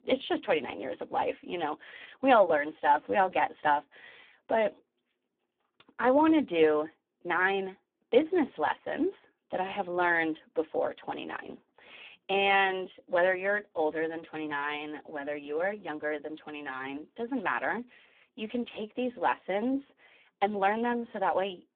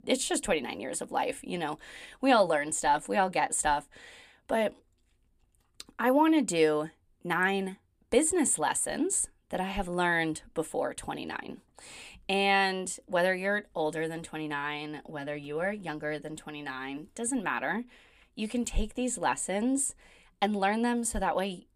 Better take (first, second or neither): second